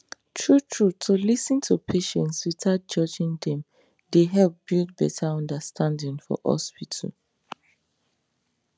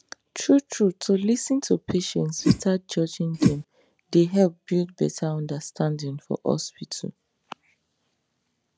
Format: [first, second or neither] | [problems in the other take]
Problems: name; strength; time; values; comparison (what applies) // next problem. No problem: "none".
first | background sound (Whoosh, swoosh, swish); 4 dB above the speech